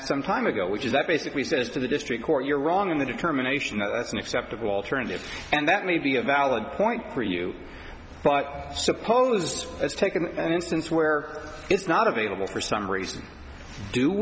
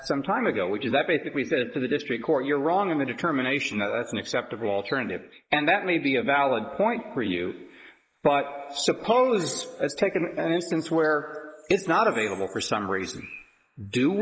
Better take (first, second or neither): first